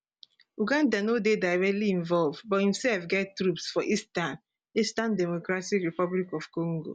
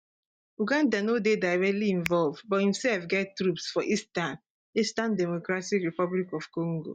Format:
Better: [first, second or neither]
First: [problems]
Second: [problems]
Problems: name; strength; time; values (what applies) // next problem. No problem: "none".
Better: first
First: none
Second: noise reduction (neural mask model DeepFilterNet 3)